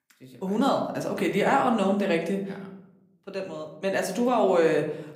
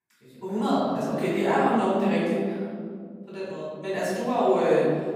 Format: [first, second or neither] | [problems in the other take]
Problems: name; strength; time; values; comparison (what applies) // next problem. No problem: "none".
first | room echo; strong; dies away in 2.2 s; slight in the first // off-mic speech; far